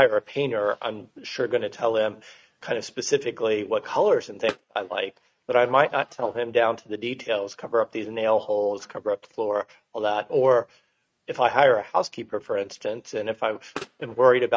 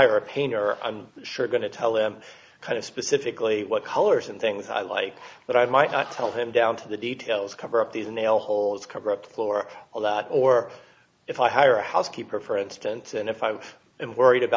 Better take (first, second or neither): second